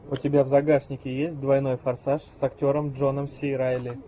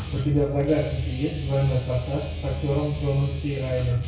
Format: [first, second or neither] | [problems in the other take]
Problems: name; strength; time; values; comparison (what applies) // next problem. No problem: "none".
first | background sound (Guitar); 16 dB below the speech // room echo; dies away in 0.6 s